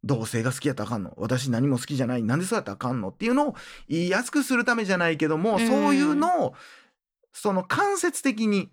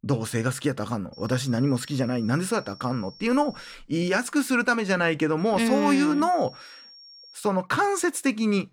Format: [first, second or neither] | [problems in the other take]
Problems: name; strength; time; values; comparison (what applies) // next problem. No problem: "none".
first | high-pitched whine; faint; from 1 to 3.5 s and from 5.5 to 7.5 s; 5.5 kHz, 20 dB below the speech